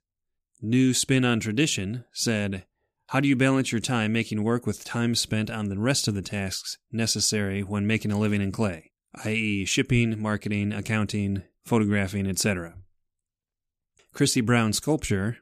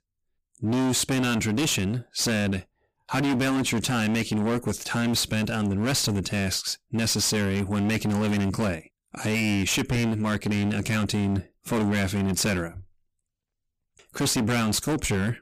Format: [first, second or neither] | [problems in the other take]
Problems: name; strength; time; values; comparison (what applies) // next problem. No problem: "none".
first | distortion; heavy; 27% of the sound clipped